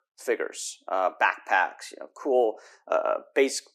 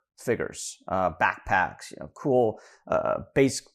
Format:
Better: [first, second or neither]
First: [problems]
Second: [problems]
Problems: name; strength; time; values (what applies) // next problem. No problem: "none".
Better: second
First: thin; somewhat; fading below 300 Hz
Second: none